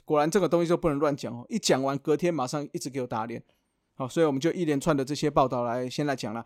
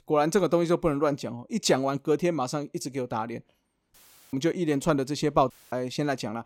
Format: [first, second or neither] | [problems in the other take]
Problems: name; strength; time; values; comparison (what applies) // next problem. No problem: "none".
first | audio cutting out; at 4 s and at 5.5 s